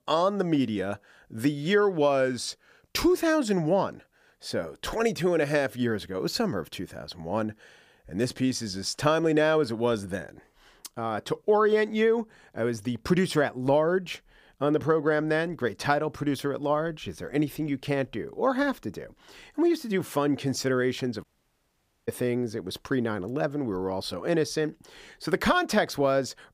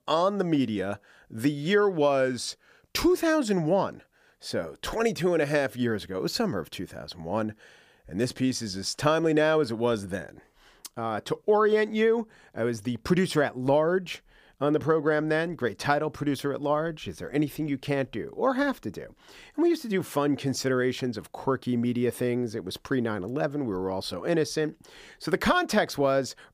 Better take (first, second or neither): second